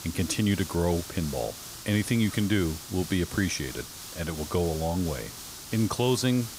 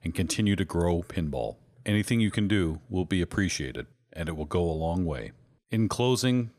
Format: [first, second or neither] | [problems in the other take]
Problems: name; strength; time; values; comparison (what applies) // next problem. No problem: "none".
second | hiss; noticeable; throughout; 10 dB below the speech